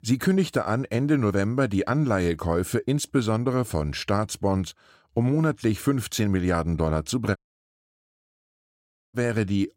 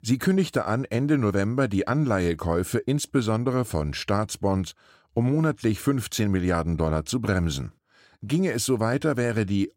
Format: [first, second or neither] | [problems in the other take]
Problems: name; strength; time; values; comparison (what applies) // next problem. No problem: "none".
second | audio cutting out; at 7.5 s for 2 s